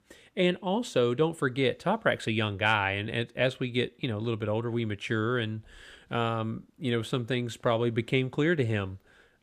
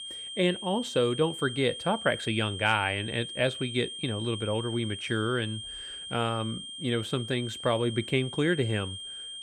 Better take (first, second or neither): first